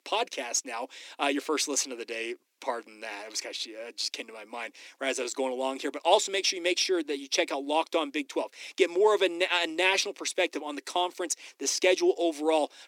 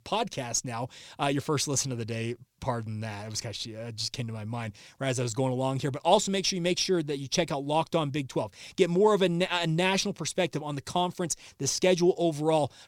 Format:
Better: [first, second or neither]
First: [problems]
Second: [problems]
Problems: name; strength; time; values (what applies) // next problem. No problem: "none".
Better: second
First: thin; somewhat; fading below 300 Hz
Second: none